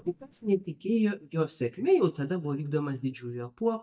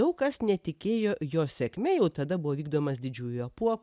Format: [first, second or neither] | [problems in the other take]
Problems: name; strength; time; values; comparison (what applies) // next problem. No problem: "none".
second | noise reduction (neural mask model DeepFilterNet 3)